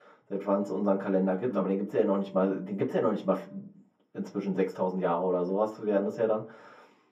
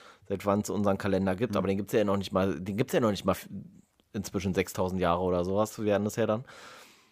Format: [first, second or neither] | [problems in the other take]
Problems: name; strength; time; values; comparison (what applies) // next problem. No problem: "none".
second | room echo; slight; dies away in 0.4 s // off-mic speech; far